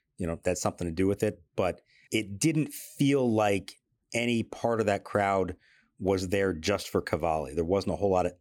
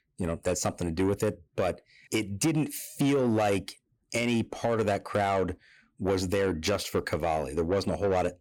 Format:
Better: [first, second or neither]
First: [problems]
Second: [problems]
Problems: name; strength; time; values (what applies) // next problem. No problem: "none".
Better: first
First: none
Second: distortion; slight; 10 dB below the speech